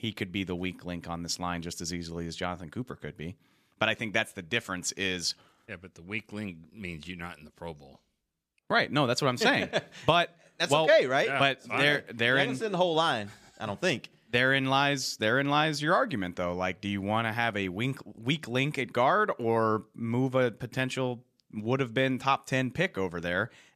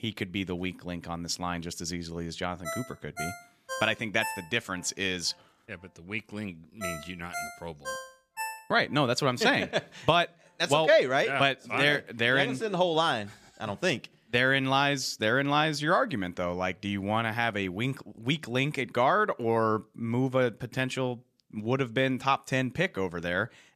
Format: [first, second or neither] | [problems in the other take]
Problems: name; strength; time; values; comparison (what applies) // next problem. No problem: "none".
first | phone ringing; noticeable; from 2.5 to 8.5 s; peak 9 dB below the speech